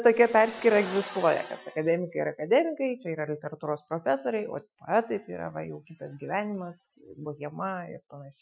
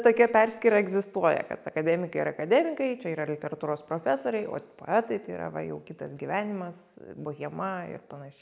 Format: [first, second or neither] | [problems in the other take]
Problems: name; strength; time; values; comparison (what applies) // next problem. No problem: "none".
second | noise reduction (classical method Wiener filter)